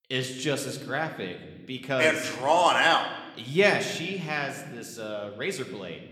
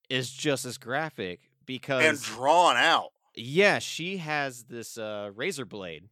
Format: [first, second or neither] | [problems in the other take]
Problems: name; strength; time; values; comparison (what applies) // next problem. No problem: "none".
second | room echo; slight; dies away in 1.1 s